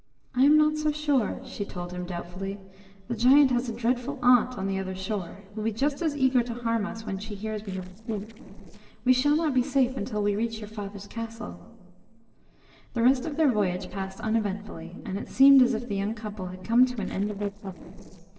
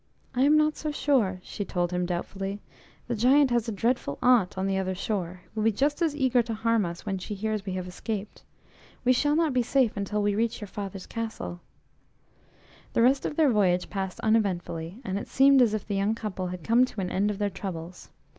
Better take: second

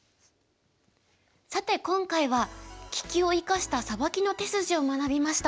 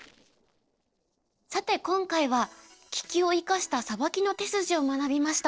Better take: first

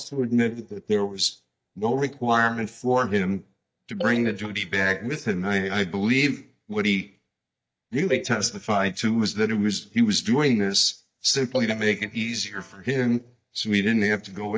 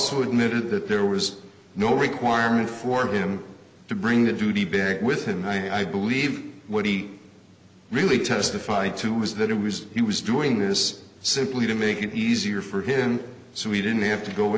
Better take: second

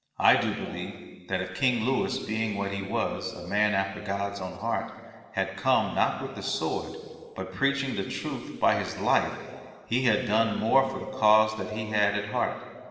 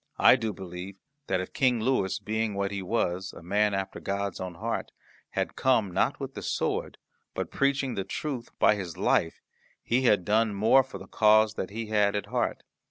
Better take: second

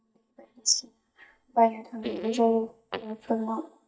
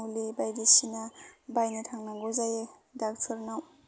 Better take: second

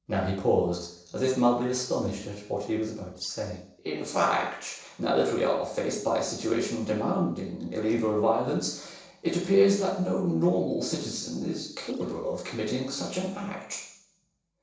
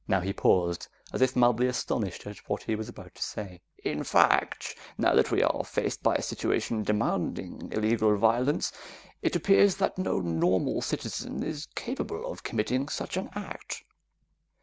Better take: second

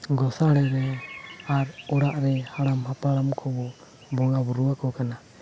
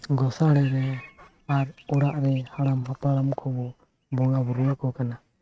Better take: first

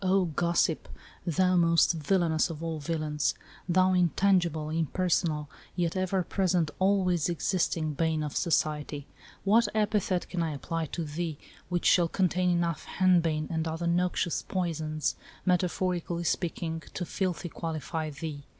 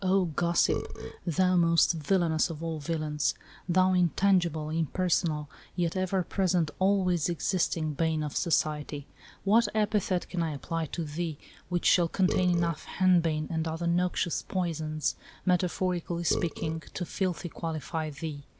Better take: first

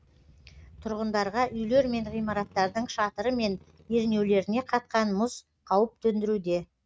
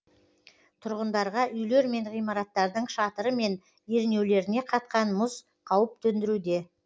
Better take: second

